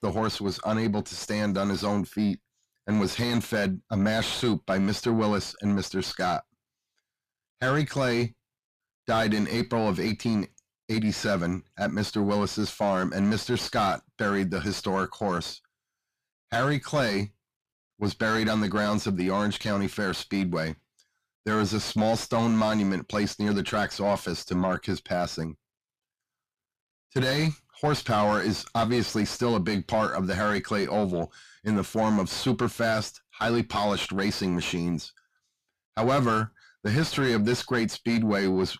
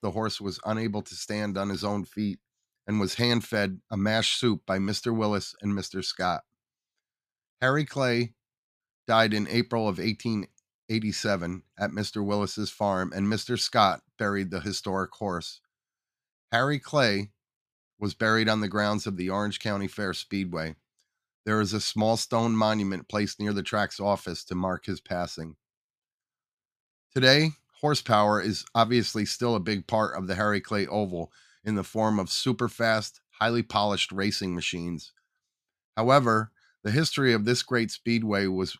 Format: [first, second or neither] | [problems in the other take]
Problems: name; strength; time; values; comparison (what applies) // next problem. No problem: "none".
second | distortion; heavy; 6 dB below the speech